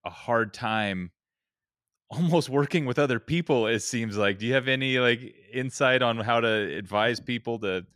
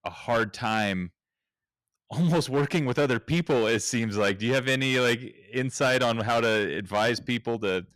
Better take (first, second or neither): first